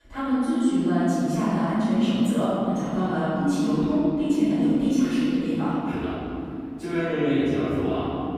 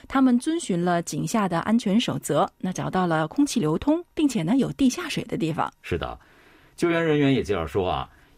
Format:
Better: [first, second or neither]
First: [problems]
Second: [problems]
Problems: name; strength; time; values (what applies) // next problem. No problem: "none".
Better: second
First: off-mic speech; far // room echo; strong; dies away in 3 s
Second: none